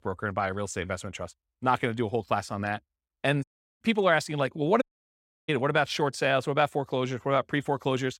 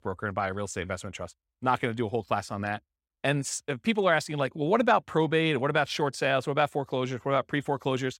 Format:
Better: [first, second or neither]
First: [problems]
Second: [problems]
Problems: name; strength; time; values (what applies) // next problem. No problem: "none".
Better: second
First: audio cutting out; at 3.5 s and at 5 s for 0.5 s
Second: none